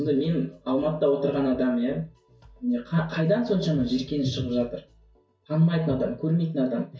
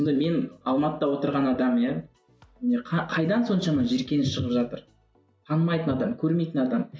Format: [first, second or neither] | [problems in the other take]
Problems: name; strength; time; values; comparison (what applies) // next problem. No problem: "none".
second | room echo; dies away in 0.2 s